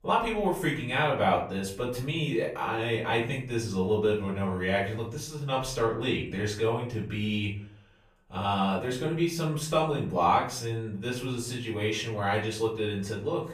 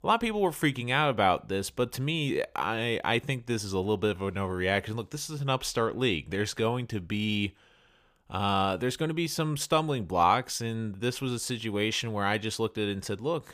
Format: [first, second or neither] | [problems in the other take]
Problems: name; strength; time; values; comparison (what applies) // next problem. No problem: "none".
second | room echo; slight; dies away in 0.5 s // off-mic speech; far